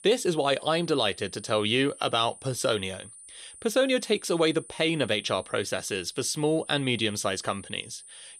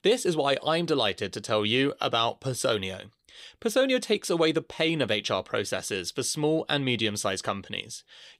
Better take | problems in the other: second | high-pitched whine; noticeable; throughout; 9.5 kHz, 20 dB below the speech

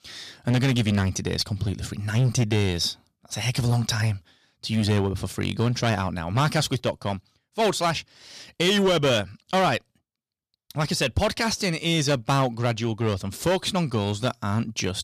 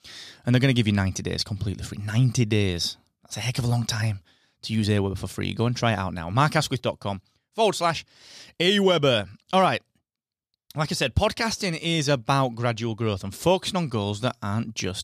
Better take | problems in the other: second | distortion; slight; 7% of the sound clipped

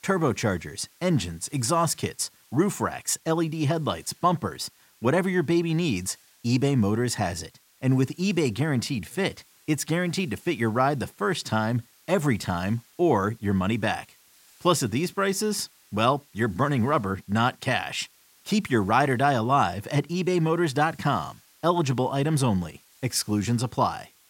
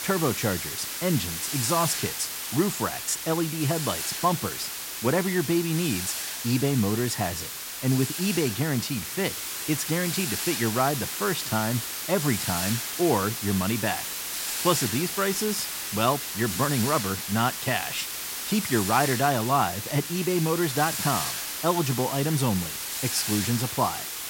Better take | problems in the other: first | hiss; loud; throughout; 3 dB below the speech; faint in the first

